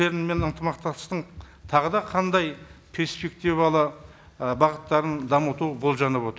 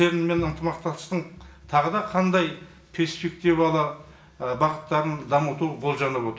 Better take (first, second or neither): first